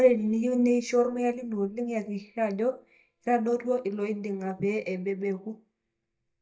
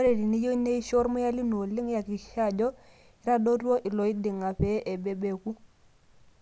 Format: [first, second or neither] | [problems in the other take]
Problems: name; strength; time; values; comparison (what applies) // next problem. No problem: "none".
second | noise reduction (neural mask model DeepFilterNet 3)